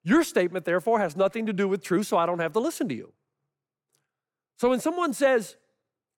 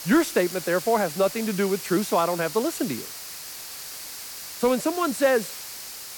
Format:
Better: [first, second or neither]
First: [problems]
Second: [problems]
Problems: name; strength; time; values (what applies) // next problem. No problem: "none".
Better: first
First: none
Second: hiss; loud; throughout; 10 dB below the speech